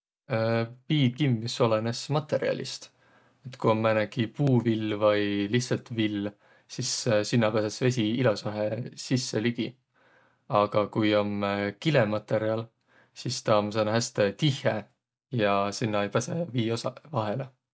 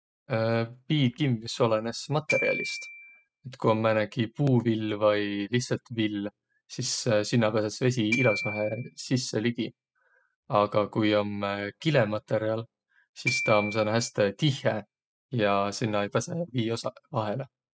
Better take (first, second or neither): first